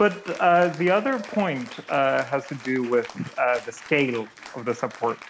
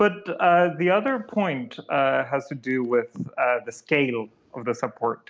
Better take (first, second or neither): second